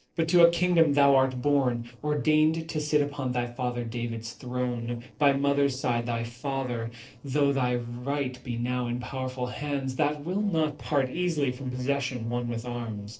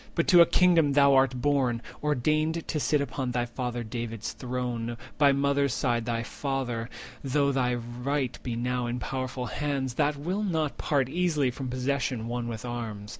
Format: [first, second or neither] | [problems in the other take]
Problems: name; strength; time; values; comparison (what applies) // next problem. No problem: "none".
second | noise reduction (neural separator model SepFormer DNS4)